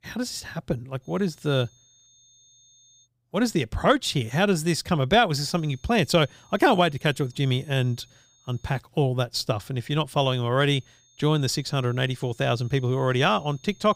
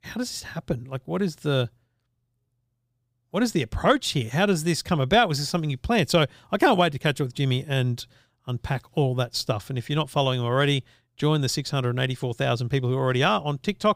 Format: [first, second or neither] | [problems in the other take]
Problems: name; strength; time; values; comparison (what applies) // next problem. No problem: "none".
second | high-pitched whine; faint; from 1 to 3 s, from 5.5 to 9 s and from 11 s on; 6.5 kHz, 30 dB below the speech